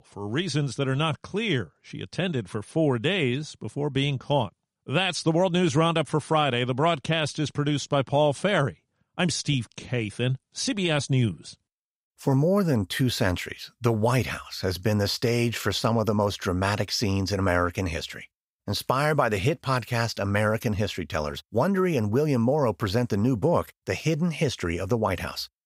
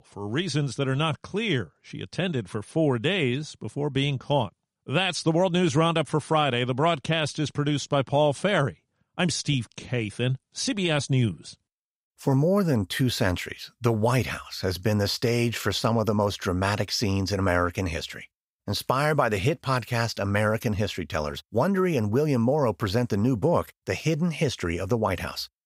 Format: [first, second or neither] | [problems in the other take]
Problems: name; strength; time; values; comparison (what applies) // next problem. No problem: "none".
neither | none